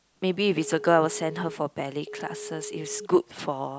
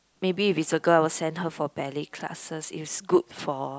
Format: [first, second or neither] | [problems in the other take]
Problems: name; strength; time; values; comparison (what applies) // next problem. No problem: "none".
second | background sound (Telephone); 12 dB below the speech